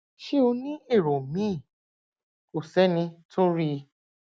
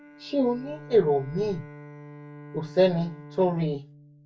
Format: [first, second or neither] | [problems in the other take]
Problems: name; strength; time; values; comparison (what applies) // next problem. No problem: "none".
first | background sound (Bowed string instrument); 17 dB below the speech // room echo; dies away in 0.2 s